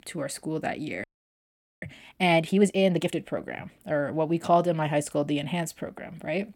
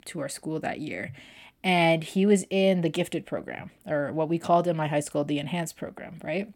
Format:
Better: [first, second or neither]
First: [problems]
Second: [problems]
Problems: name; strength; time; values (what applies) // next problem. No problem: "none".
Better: second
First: audio freezing; at 1 s for 1 s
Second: none